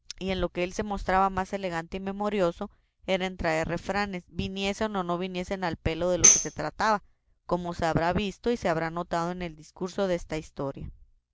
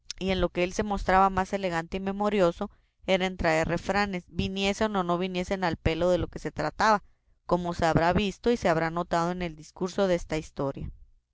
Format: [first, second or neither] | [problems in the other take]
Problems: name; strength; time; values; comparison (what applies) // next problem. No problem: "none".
second | background sound (Tambourine); 4 dB above the speech